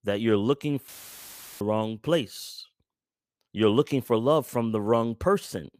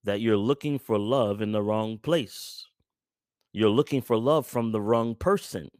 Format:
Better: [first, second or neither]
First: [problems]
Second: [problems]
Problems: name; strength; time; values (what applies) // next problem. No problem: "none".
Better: second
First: audio cutting out; filled with static; at 1 s for 0.5 s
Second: none